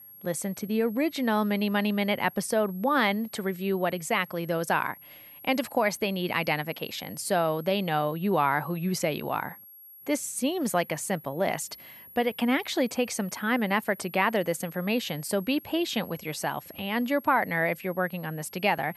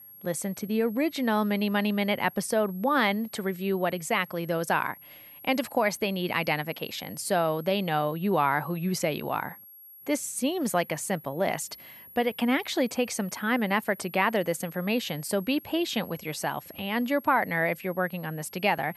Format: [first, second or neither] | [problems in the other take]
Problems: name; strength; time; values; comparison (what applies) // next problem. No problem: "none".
neither | high-pitched whine; noticeable; throughout; 11.5 kHz, 20 dB below the speech; the same in both